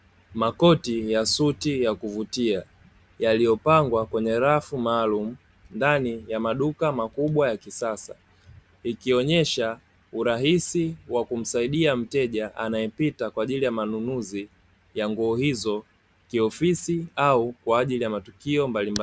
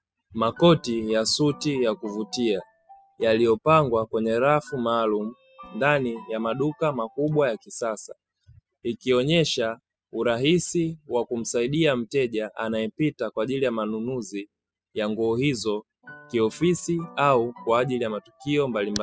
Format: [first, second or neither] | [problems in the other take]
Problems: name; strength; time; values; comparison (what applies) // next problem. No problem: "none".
first | noise reduction (classical method spectral subtraction)